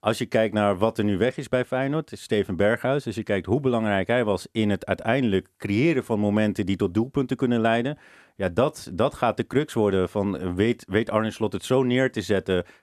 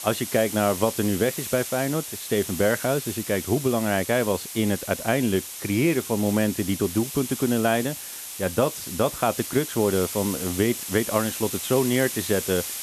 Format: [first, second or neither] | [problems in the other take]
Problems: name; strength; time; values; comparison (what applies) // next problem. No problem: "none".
first | hiss; loud; throughout; 7 dB below the speech